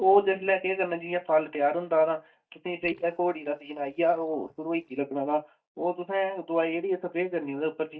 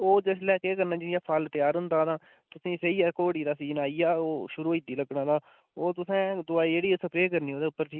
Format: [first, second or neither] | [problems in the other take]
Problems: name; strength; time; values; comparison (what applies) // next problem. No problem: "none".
second | noise reduction (neural mask model DeepFilterNet 3)